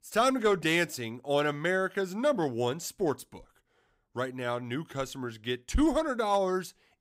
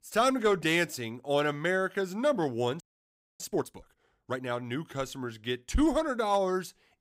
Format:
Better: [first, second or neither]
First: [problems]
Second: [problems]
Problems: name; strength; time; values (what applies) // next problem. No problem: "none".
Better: first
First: none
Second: audio freezing; at 3 s for 0.5 s